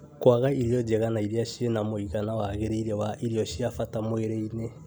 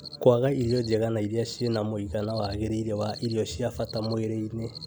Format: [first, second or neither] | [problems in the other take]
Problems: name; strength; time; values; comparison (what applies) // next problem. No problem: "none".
first | background sound (Cricket); 19 dB below the speech